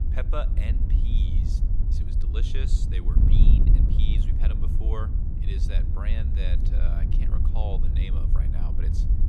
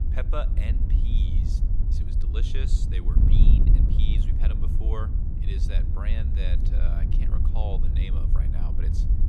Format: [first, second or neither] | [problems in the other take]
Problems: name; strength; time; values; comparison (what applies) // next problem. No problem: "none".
neither | wind noise on the microphone; heavy; 1 dB below the speech; the same in both